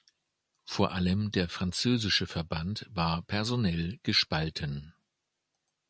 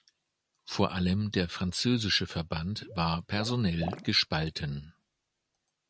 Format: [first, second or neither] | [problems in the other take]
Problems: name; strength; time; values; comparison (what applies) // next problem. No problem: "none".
first | background sound (Water / Liquid); 16 dB below the speech